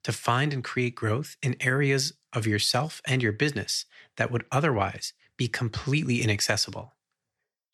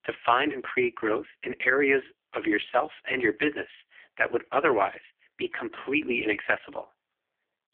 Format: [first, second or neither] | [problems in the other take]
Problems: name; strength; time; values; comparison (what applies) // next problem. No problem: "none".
first | phone-call audio; poor line